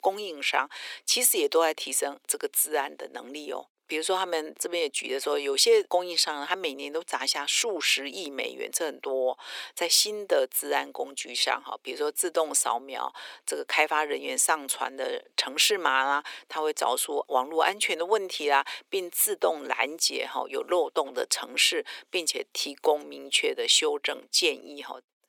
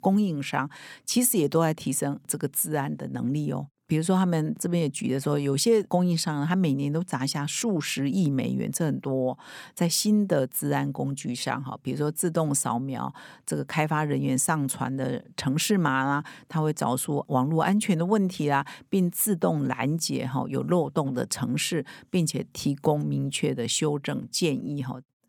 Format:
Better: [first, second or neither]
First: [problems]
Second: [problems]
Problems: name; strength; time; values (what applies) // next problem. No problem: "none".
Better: second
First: thin; very; fading below 400 Hz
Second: none